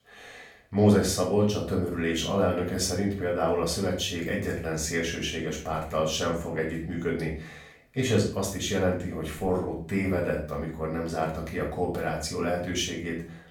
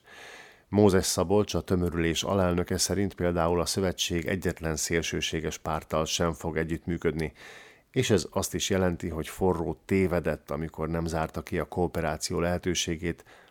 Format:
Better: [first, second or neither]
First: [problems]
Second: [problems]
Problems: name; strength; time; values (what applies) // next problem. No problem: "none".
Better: second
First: off-mic speech; far // room echo; noticeable; dies away in 0.4 s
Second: none